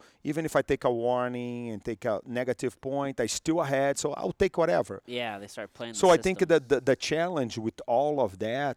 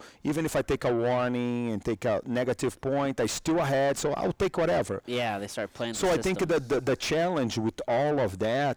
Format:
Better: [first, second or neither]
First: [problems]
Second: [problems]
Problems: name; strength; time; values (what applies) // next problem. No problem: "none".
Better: first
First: none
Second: distortion; heavy; 5 dB below the speech